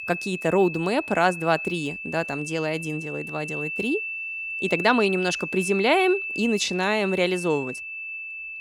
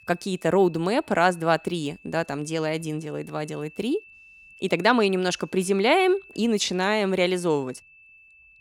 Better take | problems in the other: second | high-pitched whine; loud; throughout; 2.5 kHz, 6 dB below the speech; faint in the second

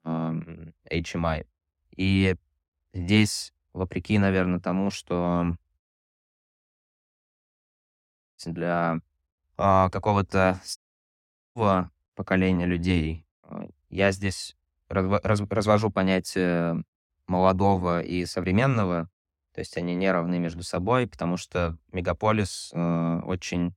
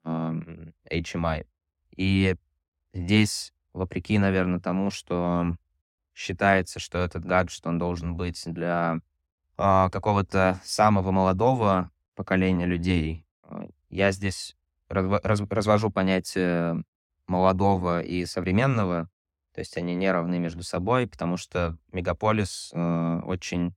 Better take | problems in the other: second | audio cutting out; at 6 s for 2.5 s and at 11 s for 1 s

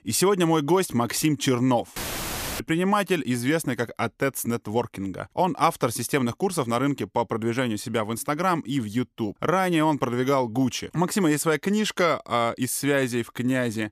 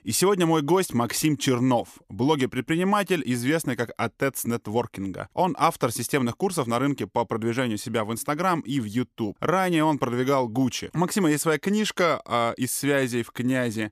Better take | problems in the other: second | audio cutting out; filled with static; at 2 s for 0.5 s

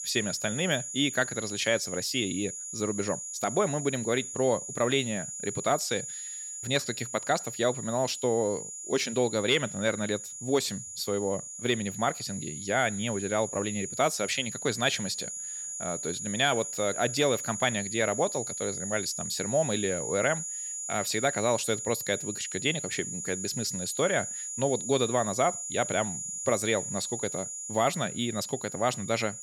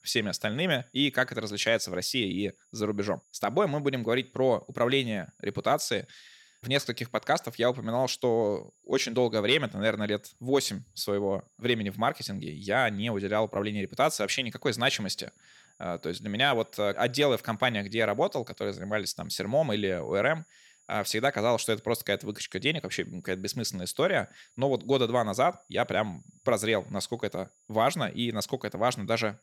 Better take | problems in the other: second | high-pitched whine; loud; throughout; 7 kHz, 5 dB below the speech; faint in the second

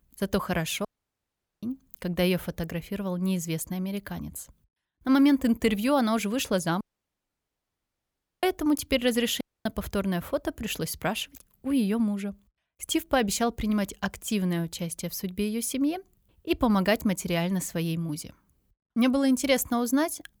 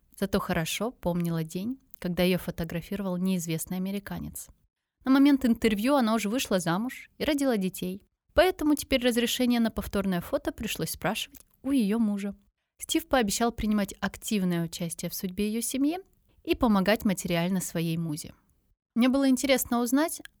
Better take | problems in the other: second | audio cutting out; at 1 s for 1 s, at 7 s for 1.5 s and at 9.5 s

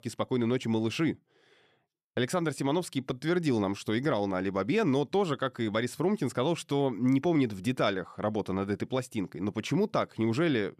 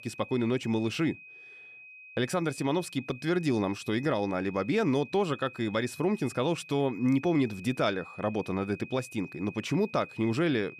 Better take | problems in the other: first | high-pitched whine; noticeable; throughout; 2.5 kHz, 15 dB below the speech

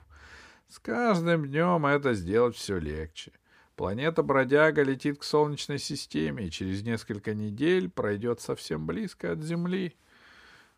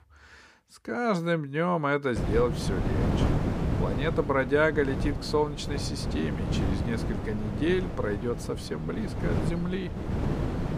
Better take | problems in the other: first | wind noise on the microphone; heavy; from 2 s on; 7 dB below the speech

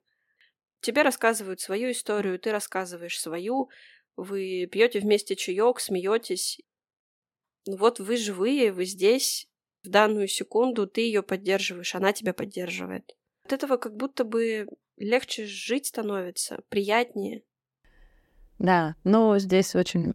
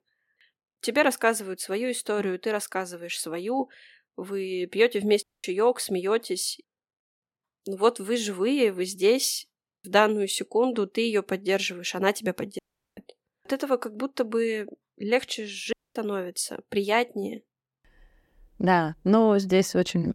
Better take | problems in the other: first | audio cutting out; at 5 s, at 13 s and at 16 s

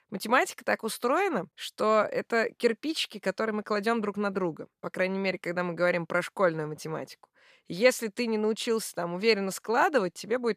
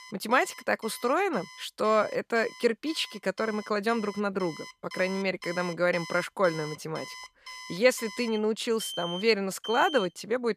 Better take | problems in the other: first | alarms or sirens; noticeable; throughout; 15 dB below the speech

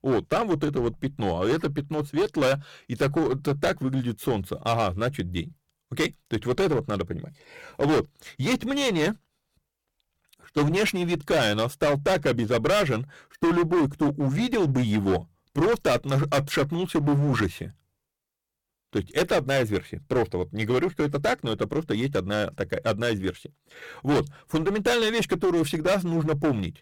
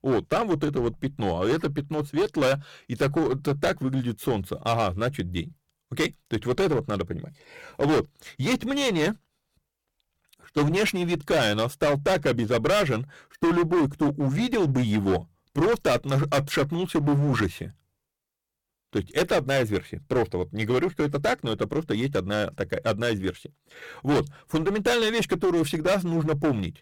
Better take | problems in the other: neither | distortion; heavy; 14% of the sound clipped; the same in both

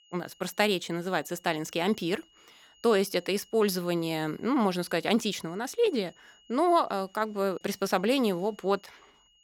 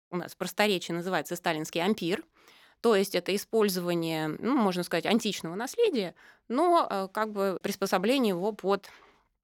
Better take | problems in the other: second | high-pitched whine; faint; throughout; 3 kHz, 30 dB below the speech

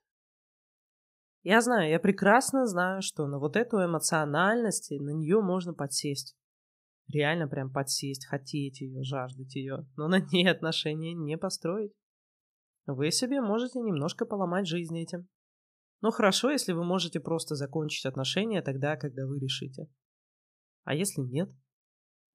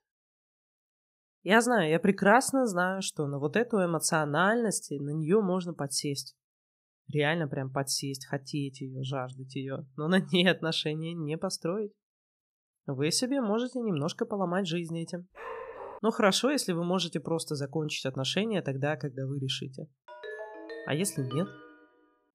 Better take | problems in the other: first | dog barking; faint; at 15 s; peak 10 dB below the speech // phone ringing; faint; from 20 to 22 s; peak 10 dB below the speech

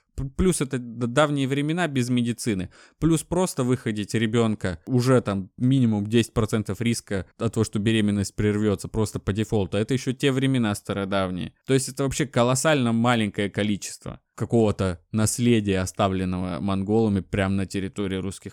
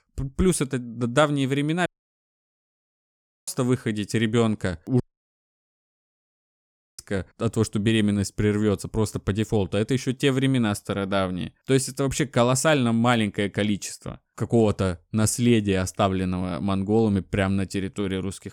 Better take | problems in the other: first | audio cutting out; at 2 s for 1.5 s and at 5 s for 2 s

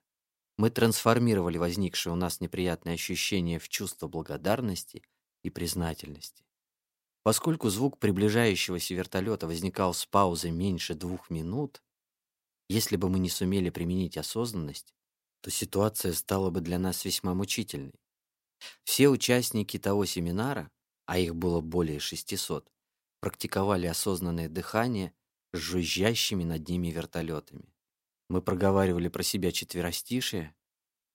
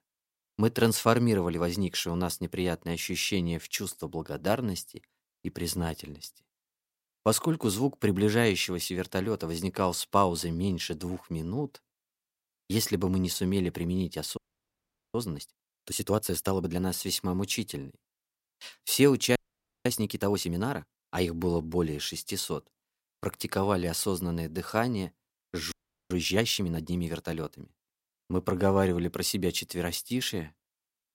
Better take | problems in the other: first | audio freezing; at 14 s for 1 s, at 19 s and at 26 s

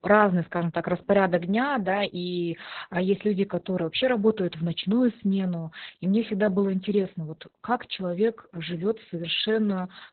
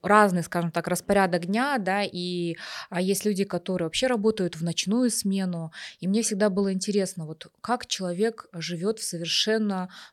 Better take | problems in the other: second | garbled, watery; badly; nothing above 4 kHz

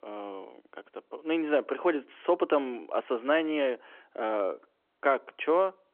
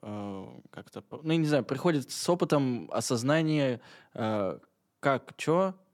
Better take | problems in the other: second | phone-call audio

